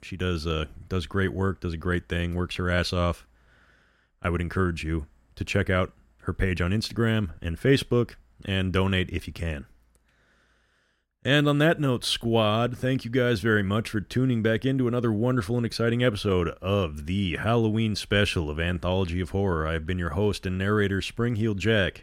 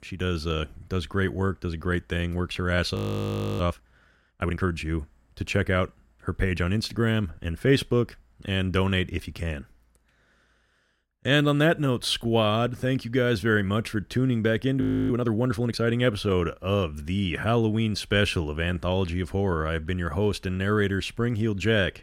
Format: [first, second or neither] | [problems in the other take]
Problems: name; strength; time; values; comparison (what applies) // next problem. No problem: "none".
first | audio freezing; at 3 s for 0.5 s and at 15 s